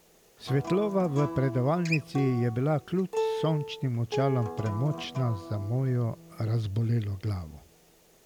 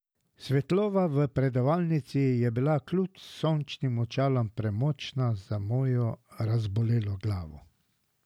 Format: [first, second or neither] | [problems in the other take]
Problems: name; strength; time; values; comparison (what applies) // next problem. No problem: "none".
second | background sound (Acoustic guitar); 9 dB below the speech